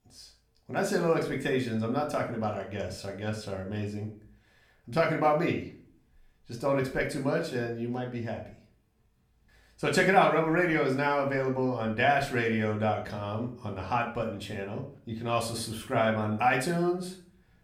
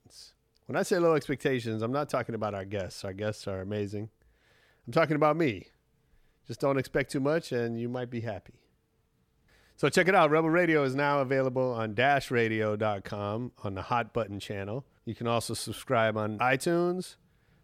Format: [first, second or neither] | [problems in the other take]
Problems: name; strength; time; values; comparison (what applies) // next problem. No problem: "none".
second | room echo; slight; dies away in 0.4 s // off-mic speech; somewhat distant